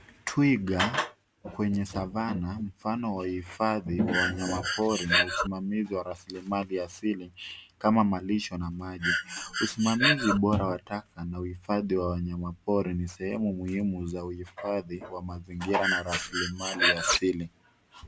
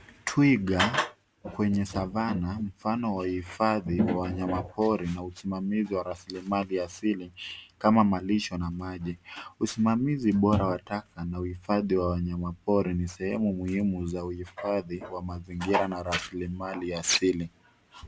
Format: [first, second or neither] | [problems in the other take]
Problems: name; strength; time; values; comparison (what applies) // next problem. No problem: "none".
second | background sound (Breathing); 1 dB above the speech